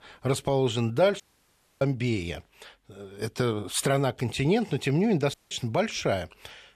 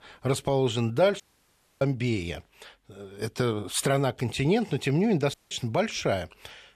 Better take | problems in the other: neither | audio cutting out; at 1 s for 0.5 s and at 5.5 s; the same in both

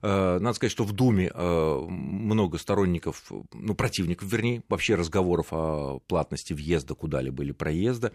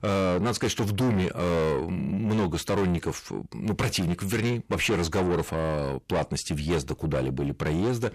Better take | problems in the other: first | distortion; heavy; 8 dB below the speech

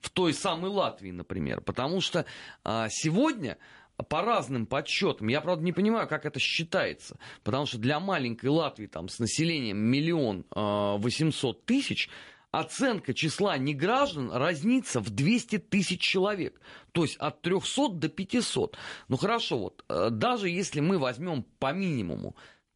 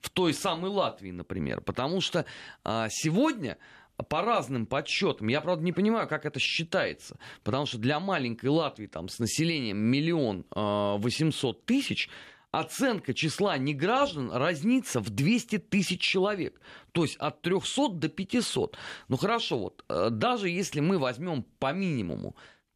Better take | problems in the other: second | garbled, watery; slightly; nothing above 10.5 kHz

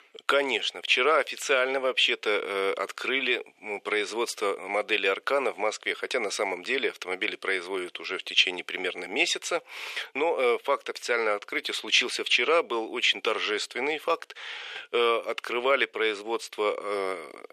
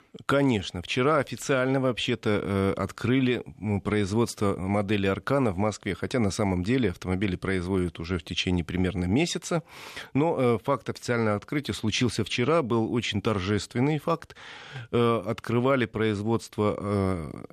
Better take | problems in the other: second | thin; very; fading below 400 Hz

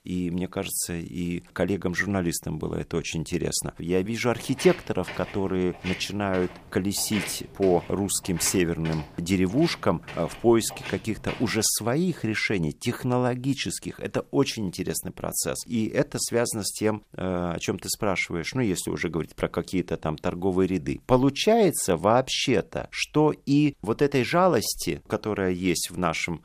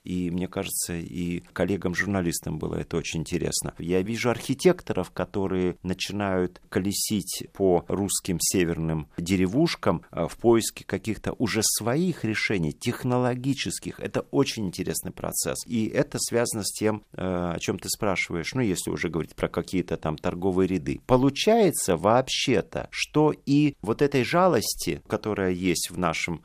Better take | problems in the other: second | footsteps; noticeable; from 4.5 to 12 s; peak 8 dB below the speech

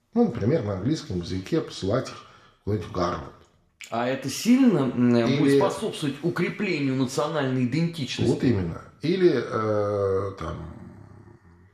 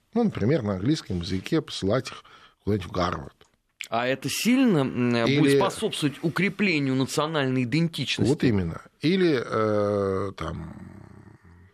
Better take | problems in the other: second | room echo; very slight; dies away in 0.5 s

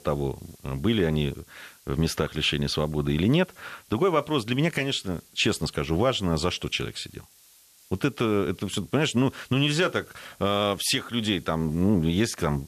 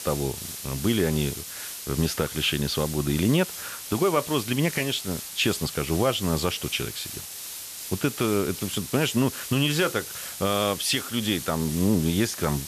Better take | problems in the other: first | hiss; loud; throughout; 8 dB below the speech; faint in the first

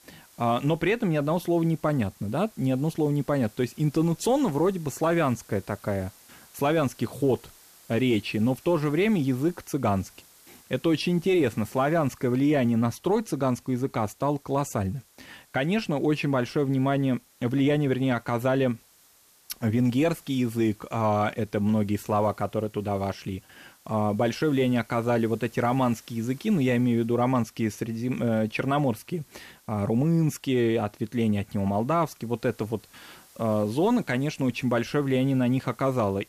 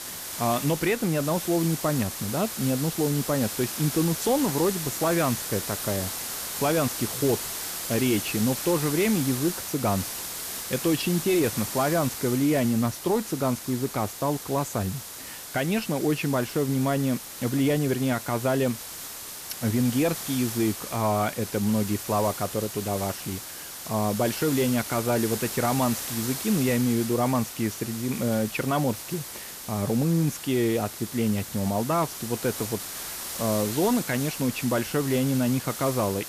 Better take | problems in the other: first | hiss; loud; throughout; 6 dB below the speech; faint in the first

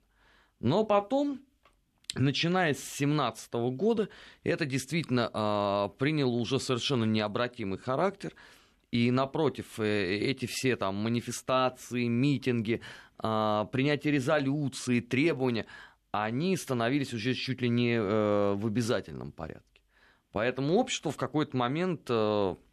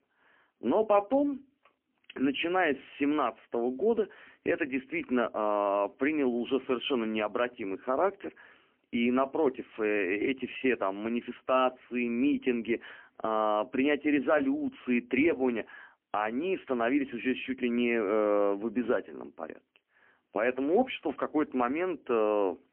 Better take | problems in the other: first | phone-call audio; poor line; nothing above 3 kHz

